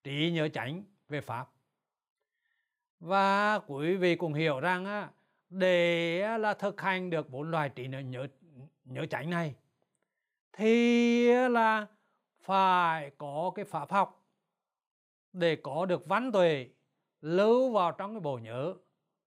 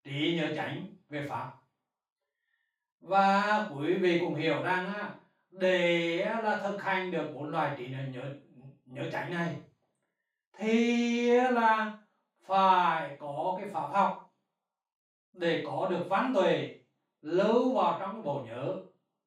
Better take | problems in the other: first | room echo; noticeable; dies away in 0.3 s // off-mic speech; far

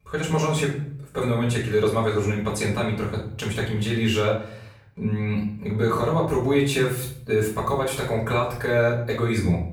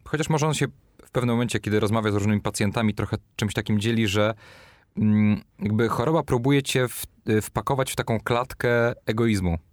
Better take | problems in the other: second | off-mic speech; far // room echo; noticeable; dies away in 0.5 s

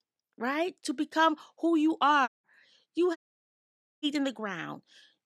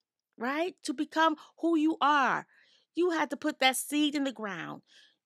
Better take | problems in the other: second | audio cutting out; at 2.5 s and at 3 s for 1 s

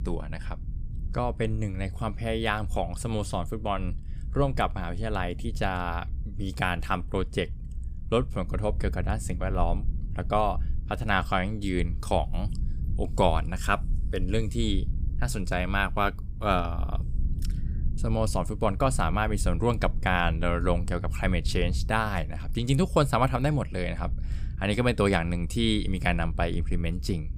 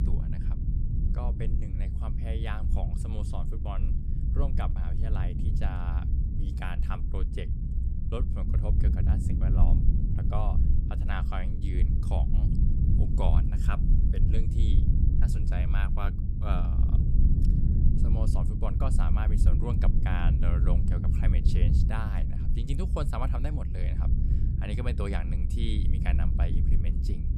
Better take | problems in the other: first | low rumble; loud; throughout; 2 dB below the speech; faint in the first

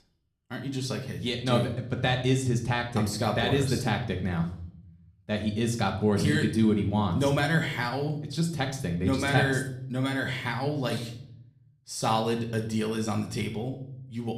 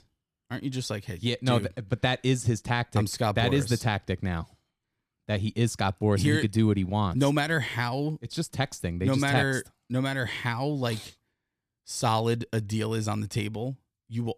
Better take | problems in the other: second | room echo; slight; dies away in 0.5 s

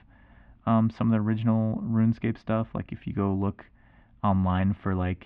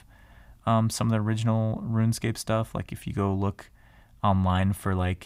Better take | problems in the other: second | muffled; very; fading above 3 kHz

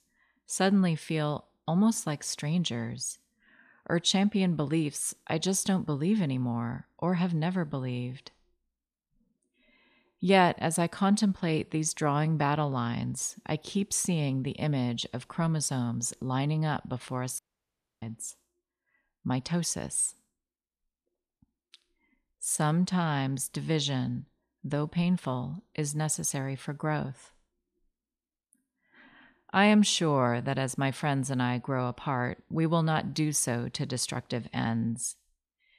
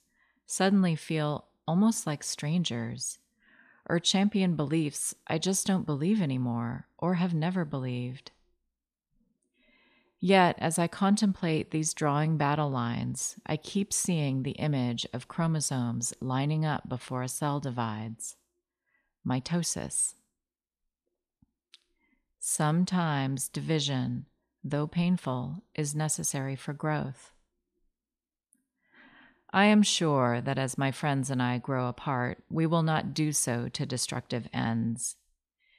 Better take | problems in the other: second | audio cutting out; at 17 s for 0.5 s

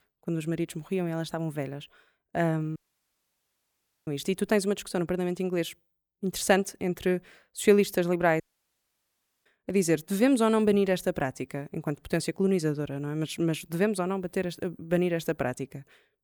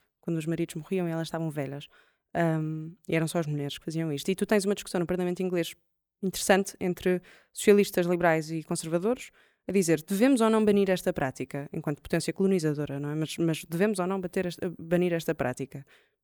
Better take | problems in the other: second | audio cutting out; at 3 s for 1.5 s and at 8.5 s for 1 s

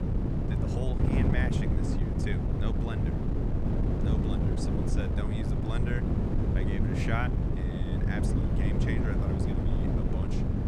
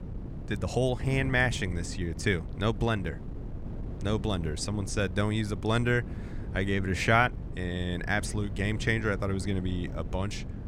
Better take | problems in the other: second | wind noise on the microphone; heavy; 3 dB above the speech; occasional gusts in the second

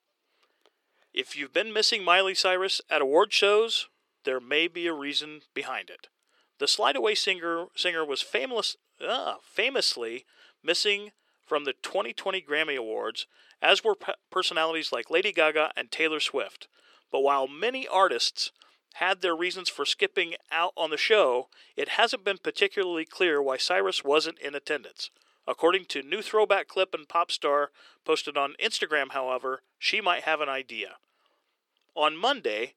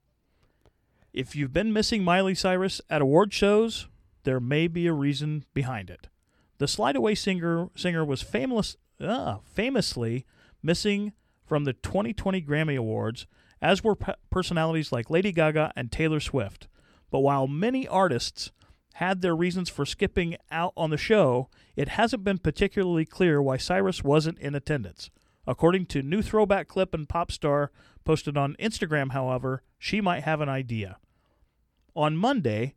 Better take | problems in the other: second | thin; very; fading below 400 Hz

